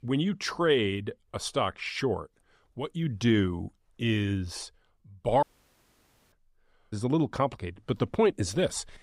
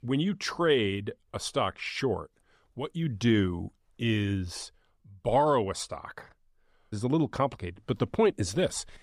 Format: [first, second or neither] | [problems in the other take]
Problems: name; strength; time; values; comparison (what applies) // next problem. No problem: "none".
second | audio cutting out; at 5.5 s for 1 s